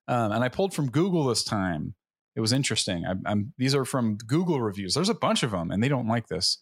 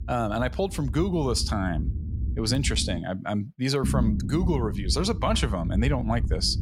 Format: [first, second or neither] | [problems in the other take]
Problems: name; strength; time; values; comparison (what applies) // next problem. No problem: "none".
first | low rumble; noticeable; until 3 s and from 4 s on; 15 dB below the speech